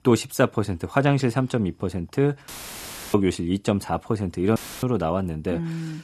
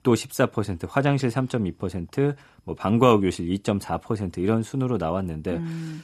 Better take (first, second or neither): second